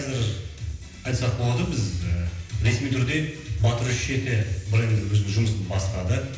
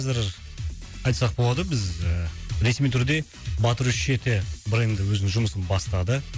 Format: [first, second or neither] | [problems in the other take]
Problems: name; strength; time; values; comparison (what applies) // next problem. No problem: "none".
second | room echo; dies away in 0.9 s